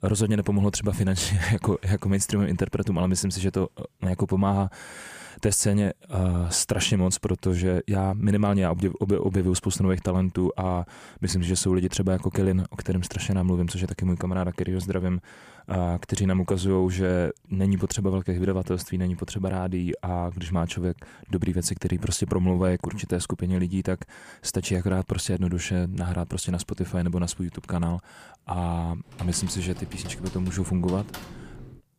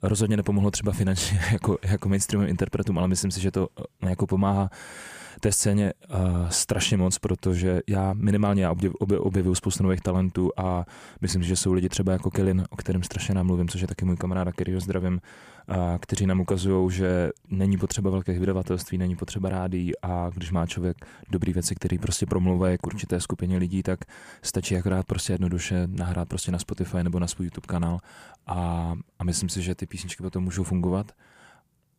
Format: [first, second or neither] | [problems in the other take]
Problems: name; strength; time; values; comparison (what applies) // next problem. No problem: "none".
second | keyboard typing; faint; from 29 s on; peak 15 dB below the speech